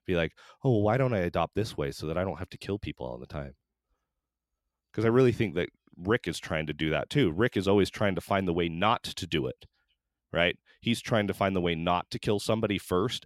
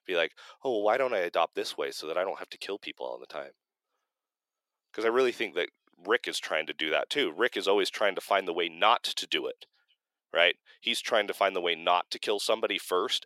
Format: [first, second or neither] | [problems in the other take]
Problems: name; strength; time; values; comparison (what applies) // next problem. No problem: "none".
first | thin; very; fading below 450 Hz